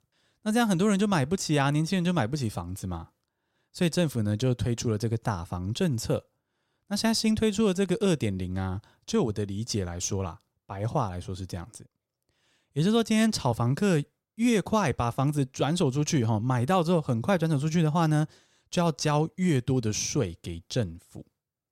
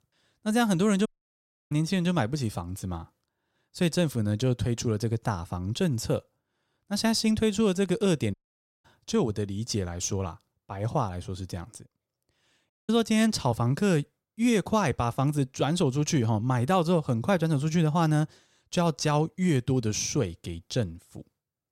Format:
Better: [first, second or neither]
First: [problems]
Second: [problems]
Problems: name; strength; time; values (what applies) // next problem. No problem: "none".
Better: first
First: none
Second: audio cutting out; at 1 s for 0.5 s, at 8.5 s for 0.5 s and at 13 s